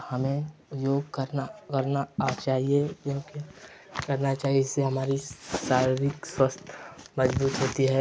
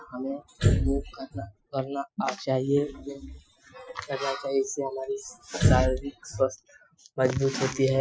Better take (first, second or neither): first